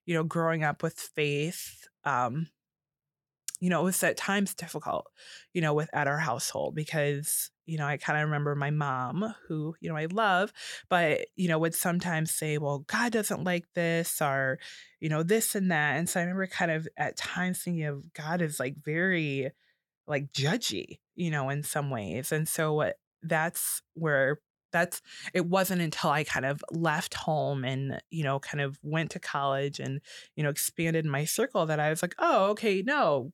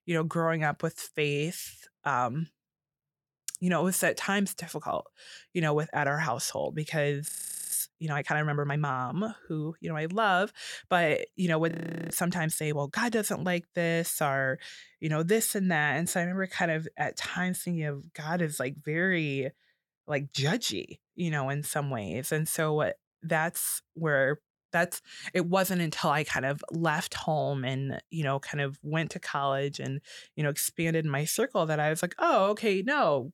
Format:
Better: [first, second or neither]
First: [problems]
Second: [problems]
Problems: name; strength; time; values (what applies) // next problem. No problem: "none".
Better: first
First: none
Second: audio freezing; at 7.5 s and at 12 s